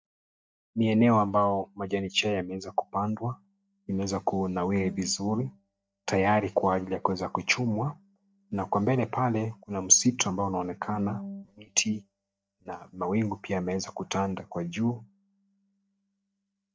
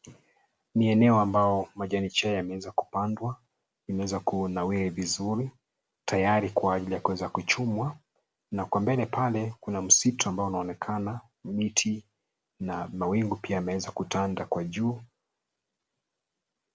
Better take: second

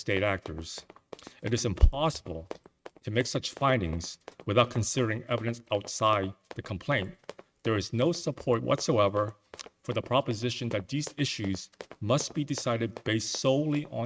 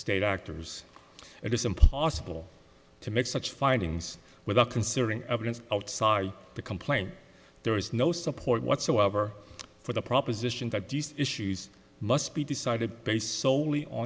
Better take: second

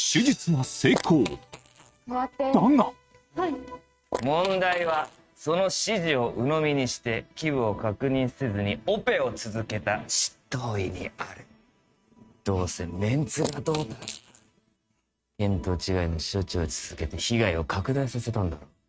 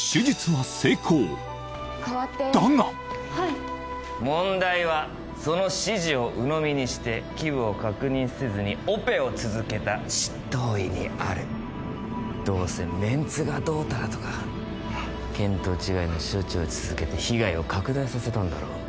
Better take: second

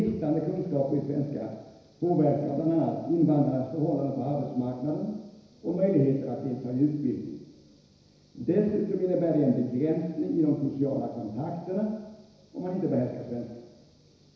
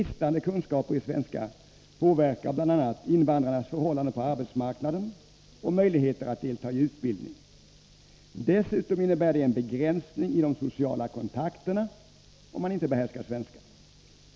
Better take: second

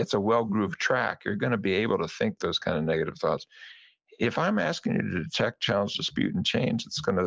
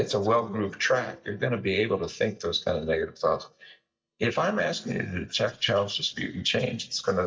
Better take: first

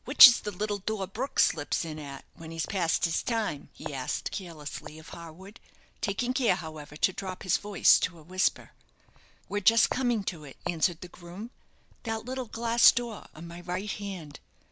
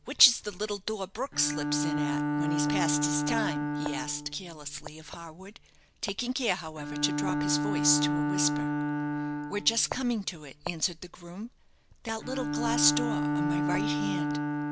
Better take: first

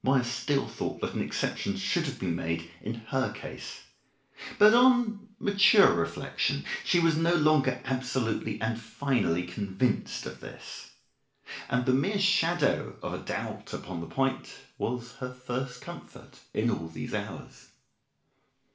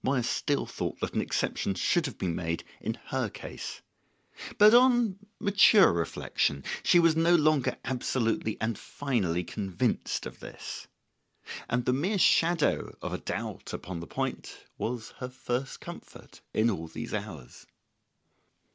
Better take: second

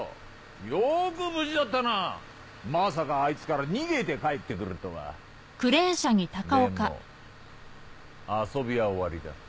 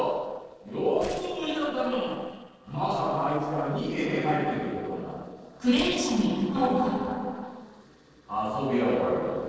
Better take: first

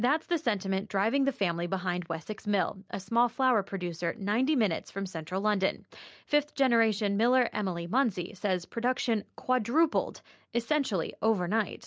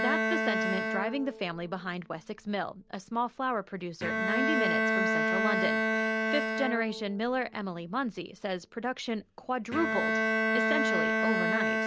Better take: first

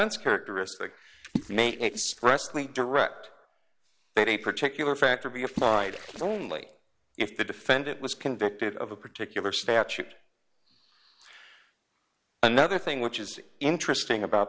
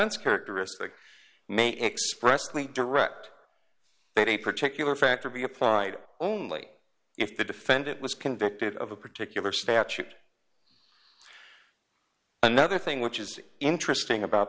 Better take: second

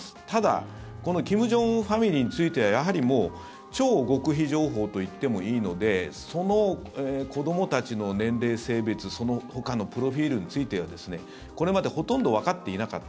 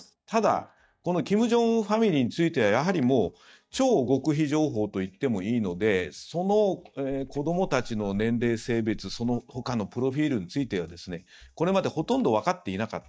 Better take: first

